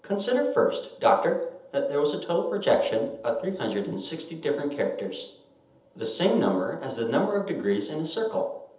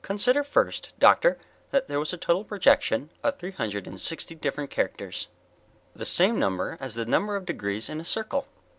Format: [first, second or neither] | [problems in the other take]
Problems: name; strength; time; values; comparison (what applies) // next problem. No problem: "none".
second | room echo; dies away in 0.8 s